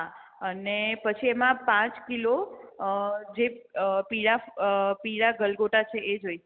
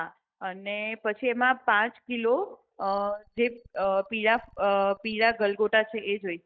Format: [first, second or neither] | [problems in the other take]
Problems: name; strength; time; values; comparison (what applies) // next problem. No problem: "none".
first | noise reduction (neural mask model DeepFilterNet 3)